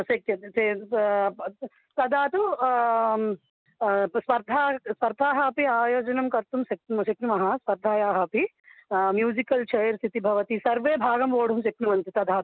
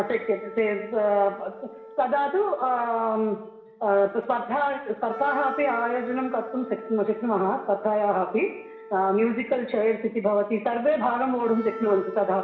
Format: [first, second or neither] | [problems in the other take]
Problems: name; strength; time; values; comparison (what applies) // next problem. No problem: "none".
first | background sound (Wind instrument, woodwind instrument); 16 dB below the speech // room echo; dies away in 1 s